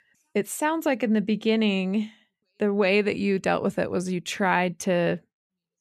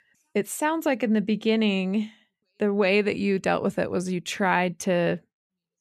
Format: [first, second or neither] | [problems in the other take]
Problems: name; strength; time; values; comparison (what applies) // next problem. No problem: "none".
neither | none